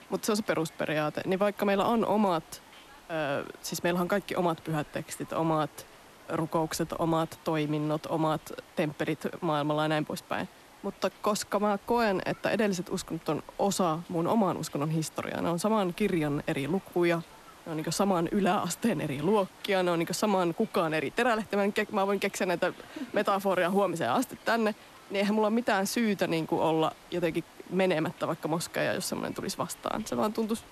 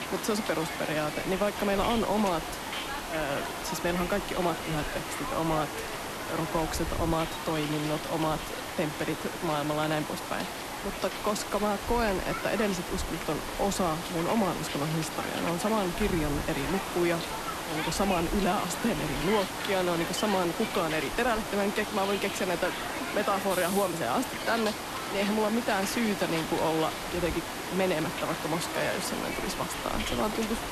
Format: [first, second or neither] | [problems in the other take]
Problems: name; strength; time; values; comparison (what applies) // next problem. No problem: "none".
first | hiss; loud; throughout; 4 dB below the speech; faint in the first